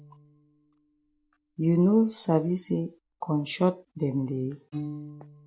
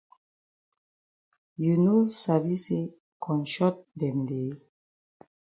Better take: second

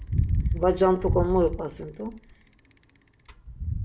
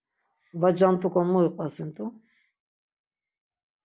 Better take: second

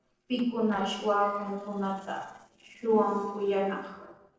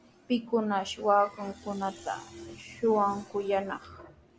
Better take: second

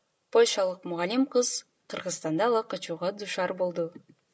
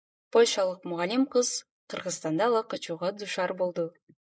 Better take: first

